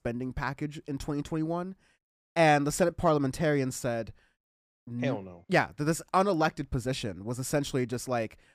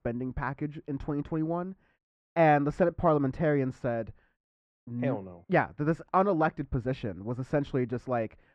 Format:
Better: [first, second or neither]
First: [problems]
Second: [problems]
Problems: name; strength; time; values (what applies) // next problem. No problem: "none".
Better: first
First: none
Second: muffled; very; fading above 2 kHz